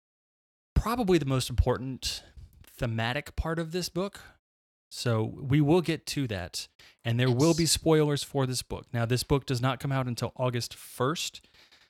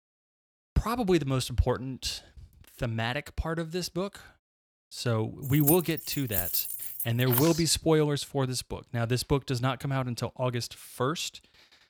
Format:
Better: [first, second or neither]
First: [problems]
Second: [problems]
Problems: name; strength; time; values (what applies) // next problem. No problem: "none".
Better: first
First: none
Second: jangling keys; loud; from 5.5 to 7.5 s; peak 2 dB above the speech